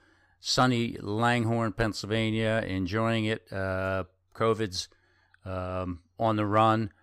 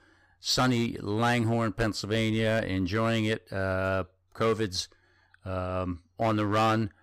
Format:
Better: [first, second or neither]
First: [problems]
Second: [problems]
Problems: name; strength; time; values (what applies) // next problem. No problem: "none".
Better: first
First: none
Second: distortion; slight; 5% of the sound clipped